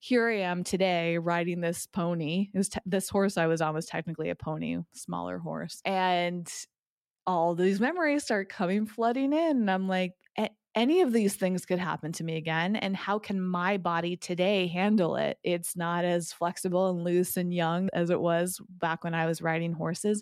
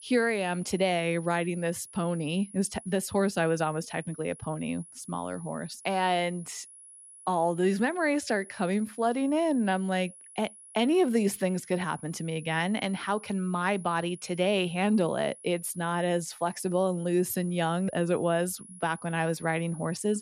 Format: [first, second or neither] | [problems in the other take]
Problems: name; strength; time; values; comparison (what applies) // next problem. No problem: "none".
first | high-pitched whine; noticeable; throughout; 10.5 kHz, 20 dB below the speech